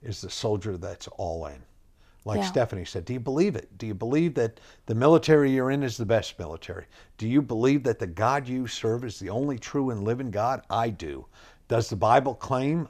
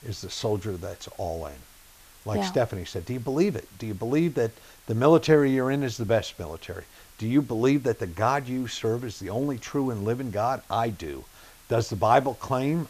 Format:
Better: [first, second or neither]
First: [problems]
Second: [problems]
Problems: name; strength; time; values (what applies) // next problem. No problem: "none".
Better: first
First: none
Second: hiss; faint; throughout; 25 dB below the speech